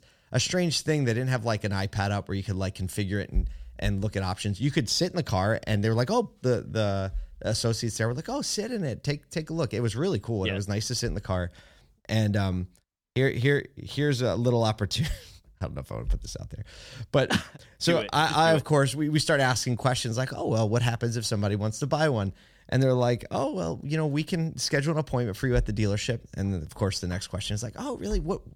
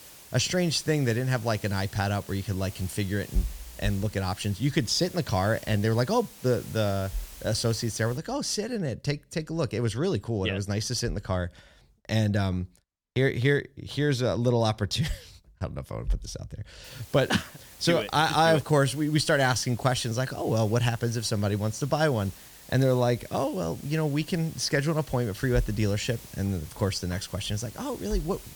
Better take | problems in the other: first | hiss; noticeable; until 8 s and from 17 s on; 20 dB below the speech

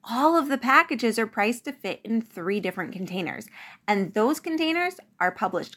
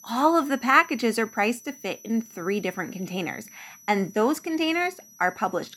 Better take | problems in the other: first | high-pitched whine; faint; throughout; 6 kHz, 20 dB below the speech

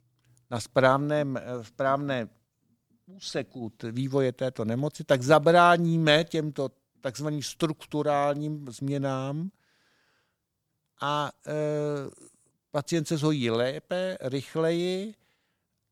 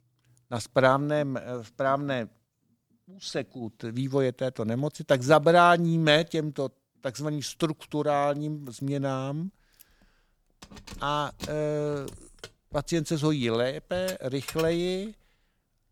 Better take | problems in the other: first | jangling keys; faint; from 8.5 to 15 s; peak 10 dB below the speech

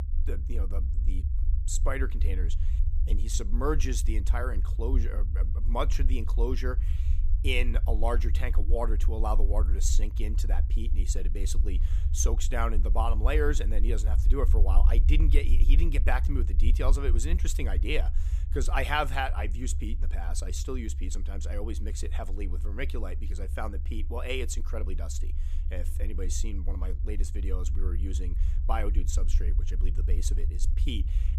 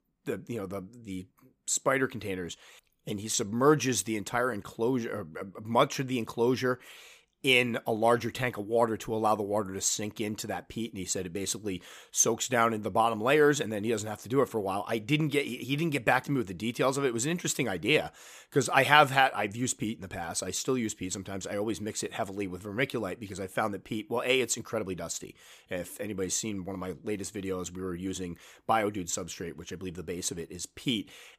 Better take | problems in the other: second | low rumble; noticeable; throughout; 15 dB below the speech

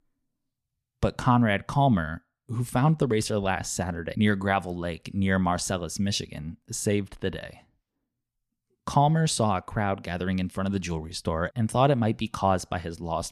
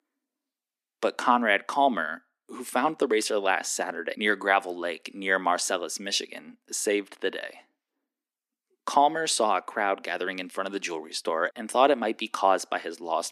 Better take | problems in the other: first | thin; somewhat; fading below 300 Hz

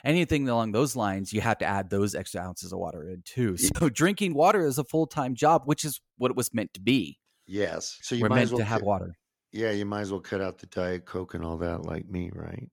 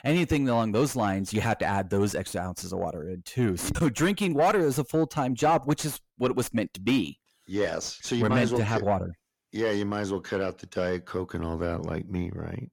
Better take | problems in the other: first | distortion; slight; 10 dB below the speech

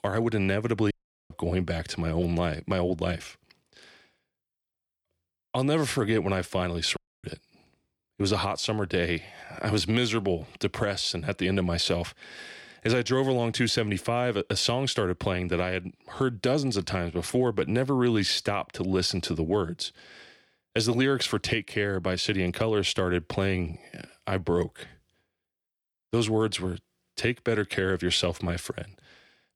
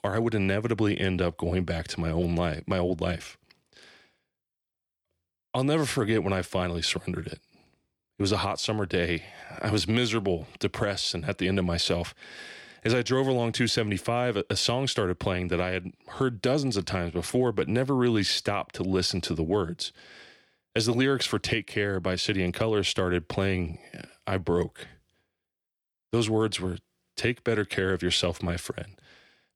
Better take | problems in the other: second | audio cutting out; at 1 s and at 7 s

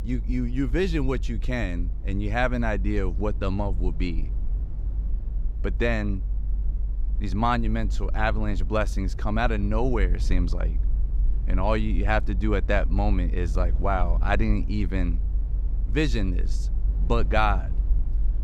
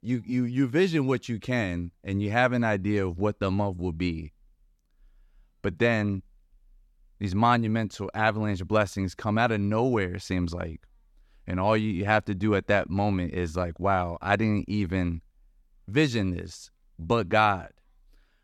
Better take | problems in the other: second | low rumble; faint; throughout; 20 dB below the speech

